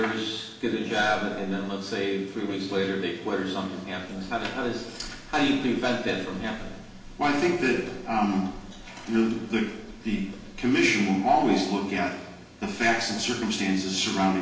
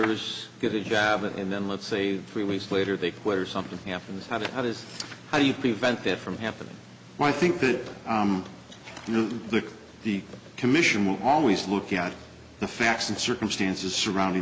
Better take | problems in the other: second | background sound (Hammer); 19 dB below the speech // room echo; dies away in 0.9 s

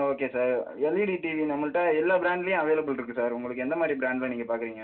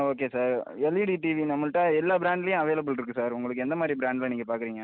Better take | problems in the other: second | room echo; dies away in 0.2 s

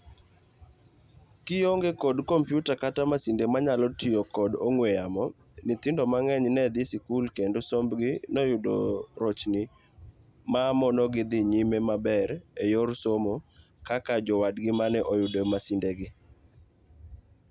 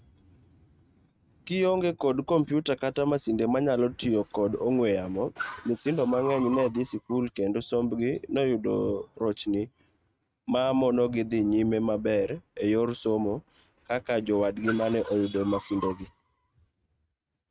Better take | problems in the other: first | noise reduction (neural mask model RNNoise)

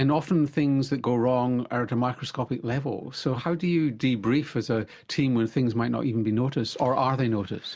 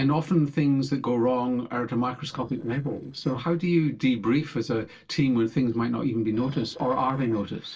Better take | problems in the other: first | noise reduction (neural separator model SepFormer DNS4)

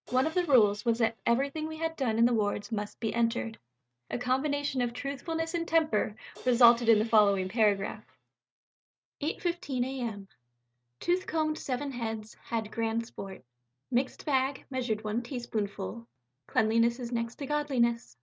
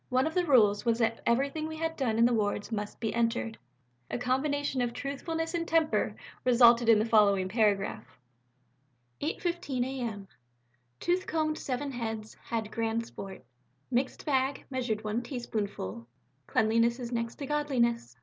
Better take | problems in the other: second | noise reduction (neural mask model RNNoise)

